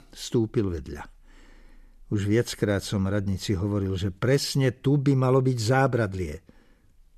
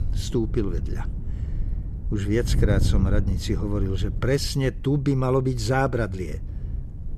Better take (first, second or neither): first